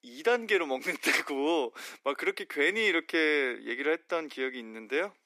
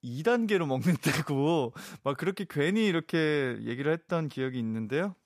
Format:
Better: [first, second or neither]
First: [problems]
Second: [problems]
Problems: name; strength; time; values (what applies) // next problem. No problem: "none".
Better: second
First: thin; somewhat; fading below 300 Hz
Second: none